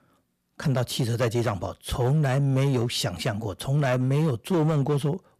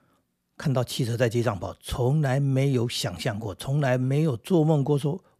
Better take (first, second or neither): second